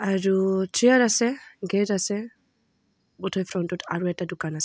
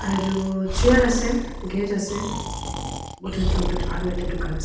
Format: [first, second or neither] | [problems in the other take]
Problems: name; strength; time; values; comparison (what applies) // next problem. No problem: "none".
first | background sound (Breathing); 2 dB below the speech // room echo; dies away in 0.9 s